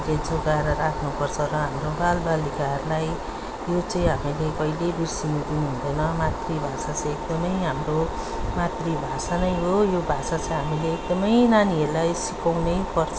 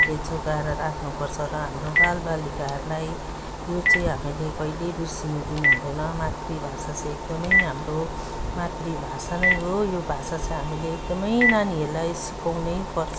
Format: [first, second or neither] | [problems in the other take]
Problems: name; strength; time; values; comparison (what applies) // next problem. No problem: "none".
first | background sound (Telephone); 1 dB below the speech